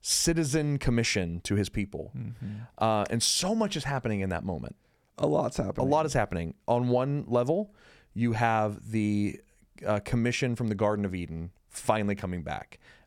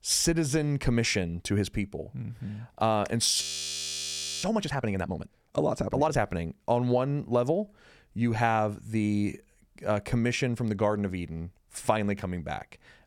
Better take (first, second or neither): first